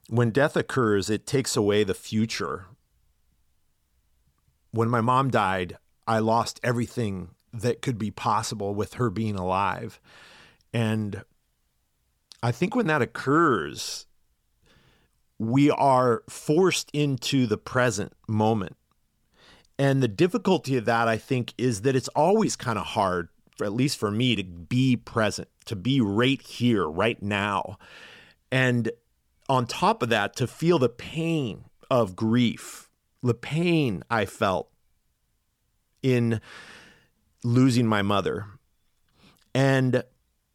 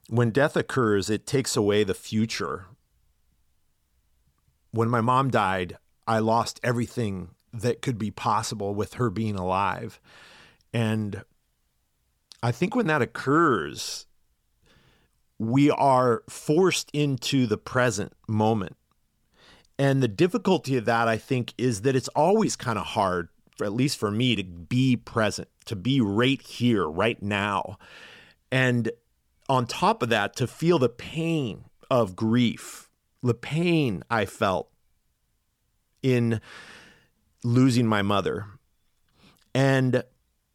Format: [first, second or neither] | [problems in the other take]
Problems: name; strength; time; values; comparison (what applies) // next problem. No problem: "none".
neither | none